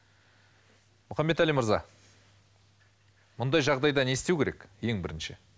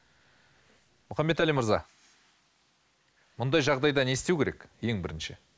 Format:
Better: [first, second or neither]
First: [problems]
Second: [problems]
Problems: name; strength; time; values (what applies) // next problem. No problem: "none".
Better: first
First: none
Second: noise reduction (neural mask model Resemble Enhance denoiser)